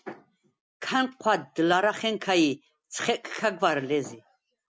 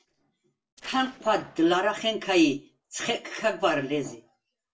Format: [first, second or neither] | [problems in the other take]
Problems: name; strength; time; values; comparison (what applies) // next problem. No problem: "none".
first | noise reduction (neural separator model SepFormer DNS4)